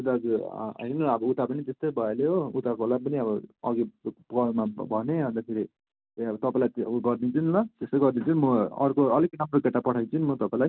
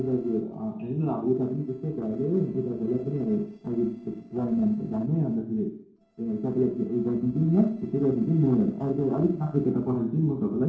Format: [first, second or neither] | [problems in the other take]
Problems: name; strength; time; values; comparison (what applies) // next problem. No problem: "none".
first | noise reduction (neural separator model SepFormer DNS4)